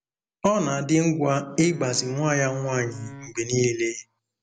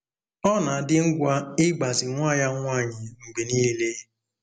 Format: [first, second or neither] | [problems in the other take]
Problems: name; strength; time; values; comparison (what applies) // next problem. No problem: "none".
second | background sound (Wind instrument, woodwind instrument); 18 dB below the speech